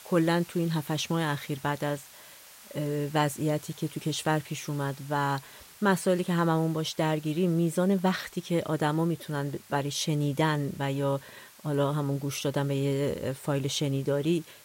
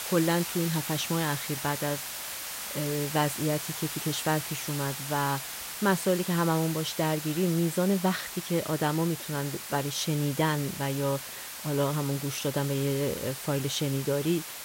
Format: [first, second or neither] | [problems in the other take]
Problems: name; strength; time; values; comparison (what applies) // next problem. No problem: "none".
first | hiss; loud; throughout; 6 dB below the speech; faint in the first